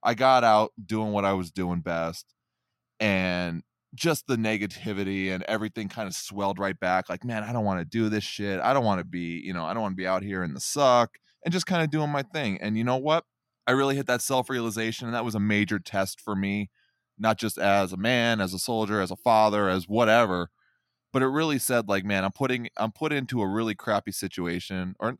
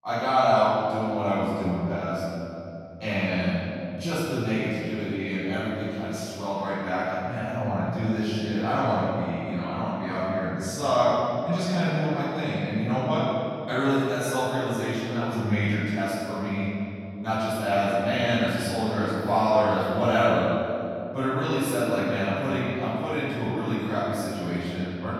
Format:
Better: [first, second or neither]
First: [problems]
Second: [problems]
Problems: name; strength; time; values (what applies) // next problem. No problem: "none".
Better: first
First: none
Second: off-mic speech; far // room echo; strong; dies away in 3 s